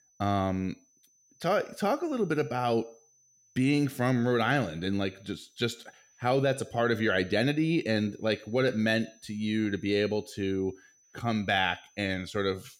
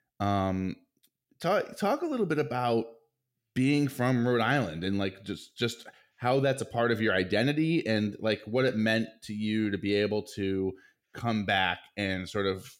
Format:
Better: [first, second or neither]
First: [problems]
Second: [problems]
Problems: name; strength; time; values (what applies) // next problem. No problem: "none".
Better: second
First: high-pitched whine; faint; throughout; 6 kHz, 30 dB below the speech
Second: none